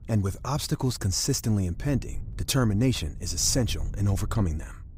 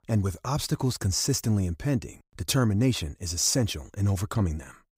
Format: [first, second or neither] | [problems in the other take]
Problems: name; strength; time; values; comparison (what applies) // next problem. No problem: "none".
second | wind noise on the microphone; occasional gusts; 25 dB below the speech